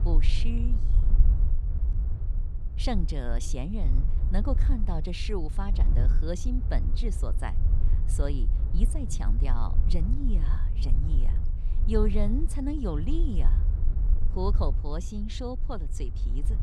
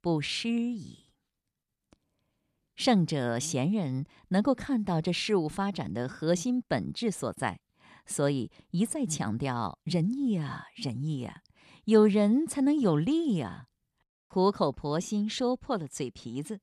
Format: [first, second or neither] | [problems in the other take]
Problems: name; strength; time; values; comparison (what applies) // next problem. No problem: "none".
second | wind noise on the microphone; heavy; 10 dB below the speech